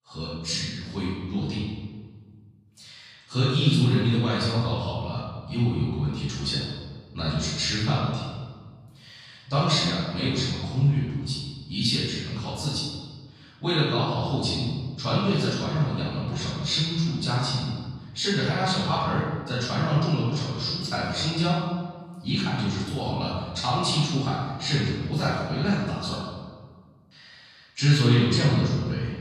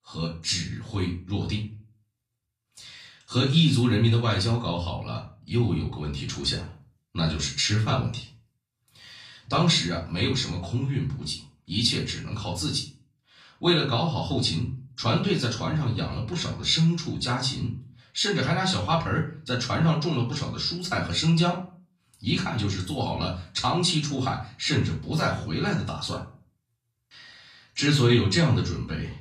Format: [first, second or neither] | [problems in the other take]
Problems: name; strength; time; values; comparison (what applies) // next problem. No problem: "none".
second | room echo; strong; dies away in 1.3 s; slight in the second // off-mic speech; far; far in the second